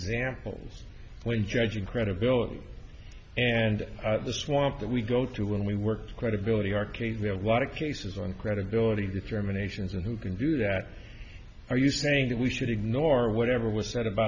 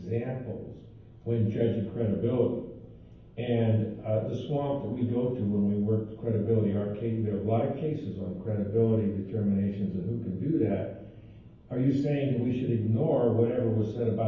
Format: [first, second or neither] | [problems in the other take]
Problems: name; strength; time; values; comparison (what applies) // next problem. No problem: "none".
first | room echo; dies away in 0.9 s